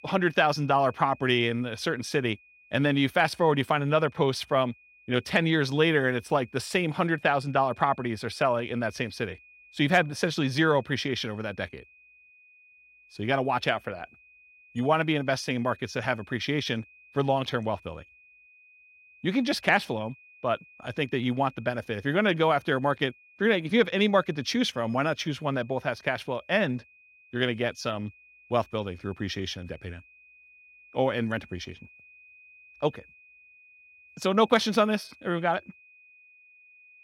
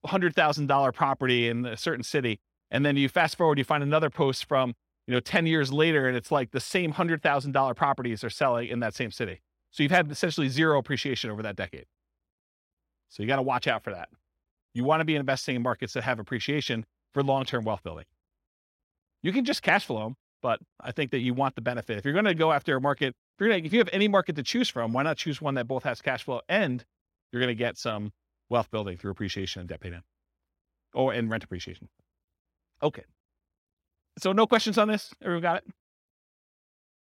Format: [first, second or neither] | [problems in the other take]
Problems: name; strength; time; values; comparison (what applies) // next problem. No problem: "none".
second | high-pitched whine; faint; throughout; 2.5 kHz, 25 dB below the speech